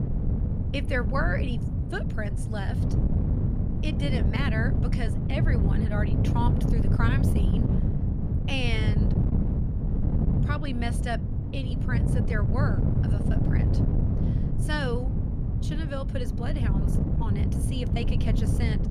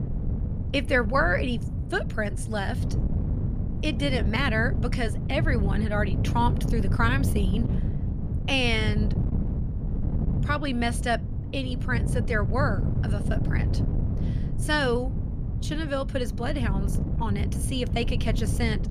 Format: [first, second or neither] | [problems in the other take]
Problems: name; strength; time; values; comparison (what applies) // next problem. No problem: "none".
second | wind noise on the microphone; heavy; 3 dB below the speech; occasional gusts in the second